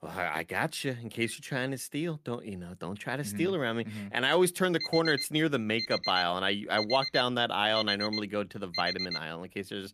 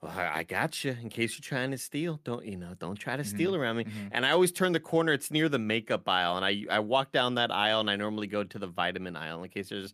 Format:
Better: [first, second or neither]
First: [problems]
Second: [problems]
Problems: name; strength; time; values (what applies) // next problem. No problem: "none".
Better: second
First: alarm; noticeable; from 5 to 9 s; peak 2 dB below the speech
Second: none